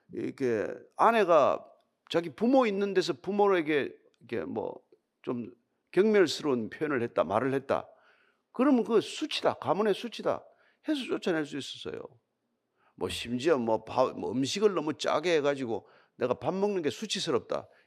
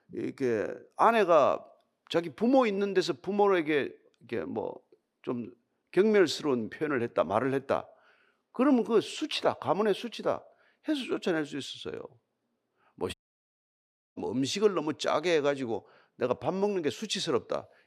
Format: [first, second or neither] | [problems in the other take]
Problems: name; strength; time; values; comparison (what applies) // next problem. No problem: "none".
first | audio cutting out; at 13 s for 1 s